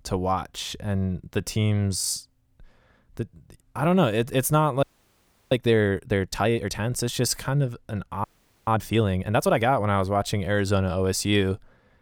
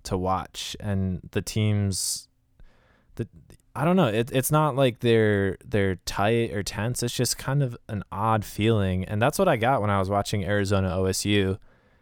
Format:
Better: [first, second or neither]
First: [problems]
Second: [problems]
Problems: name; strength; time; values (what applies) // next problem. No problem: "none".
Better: second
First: audio freezing; at 5 s for 0.5 s and at 8 s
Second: none